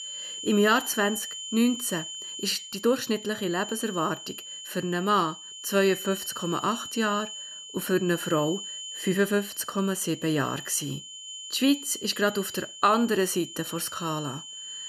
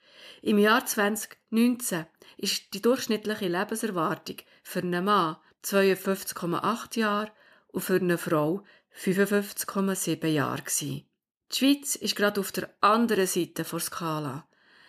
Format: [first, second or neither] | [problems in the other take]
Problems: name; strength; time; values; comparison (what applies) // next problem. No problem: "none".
second | high-pitched whine; loud; throughout; 3 kHz, 10 dB below the speech